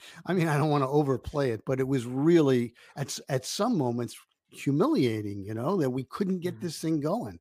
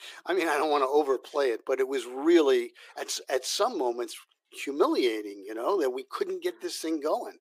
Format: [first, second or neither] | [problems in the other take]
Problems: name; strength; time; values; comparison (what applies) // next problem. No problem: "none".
first | thin; very; fading below 350 Hz